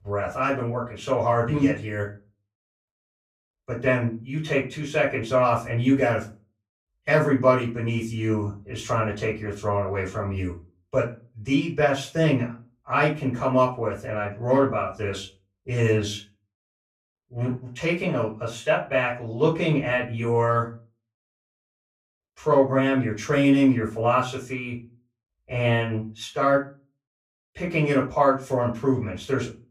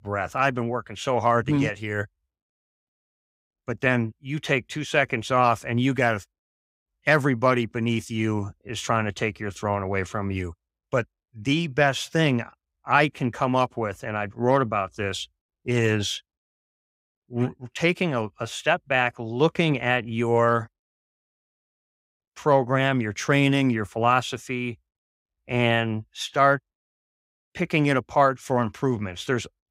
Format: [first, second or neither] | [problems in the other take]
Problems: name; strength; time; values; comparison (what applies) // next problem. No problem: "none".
second | off-mic speech; far // room echo; slight; dies away in 0.3 s